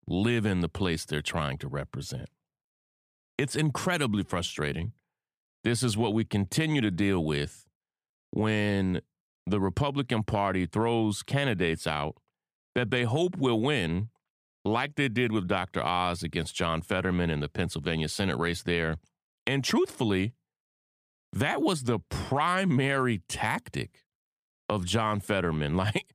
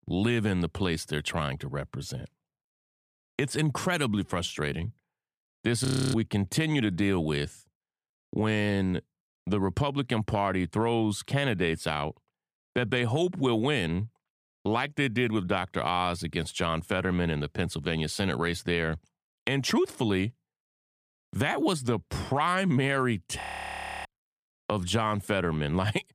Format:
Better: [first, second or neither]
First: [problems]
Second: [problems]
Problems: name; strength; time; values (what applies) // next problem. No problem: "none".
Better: first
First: none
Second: audio freezing; at 6 s and at 23 s for 0.5 s